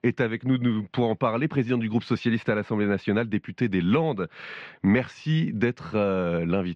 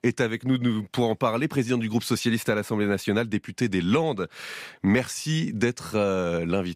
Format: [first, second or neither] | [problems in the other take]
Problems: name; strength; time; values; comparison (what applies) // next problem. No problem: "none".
second | muffled; slightly; fading above 3 kHz